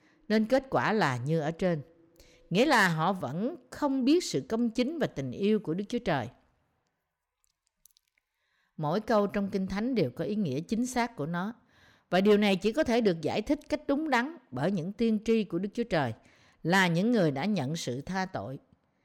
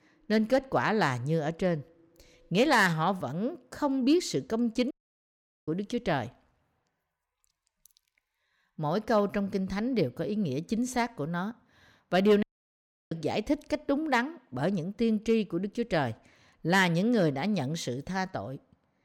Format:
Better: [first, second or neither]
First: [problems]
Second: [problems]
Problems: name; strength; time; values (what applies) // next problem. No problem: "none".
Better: first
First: none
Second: audio cutting out; at 5 s for 1 s and at 12 s for 0.5 s